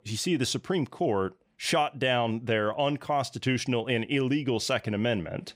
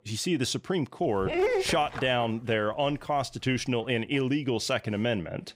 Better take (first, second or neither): first